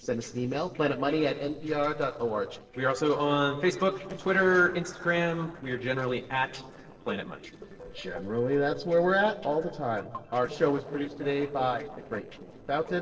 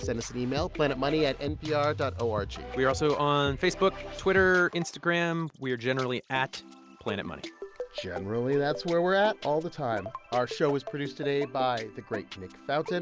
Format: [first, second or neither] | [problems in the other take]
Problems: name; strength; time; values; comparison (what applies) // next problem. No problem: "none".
second | noise reduction (neural separator model SepFormer DNS4)